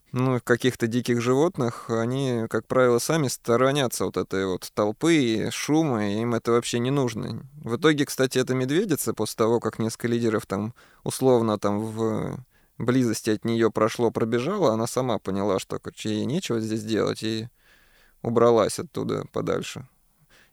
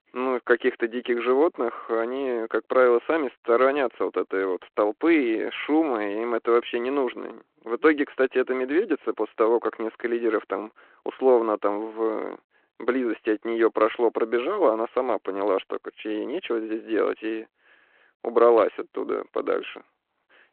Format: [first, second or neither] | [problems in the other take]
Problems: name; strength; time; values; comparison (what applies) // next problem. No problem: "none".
first | phone-call audio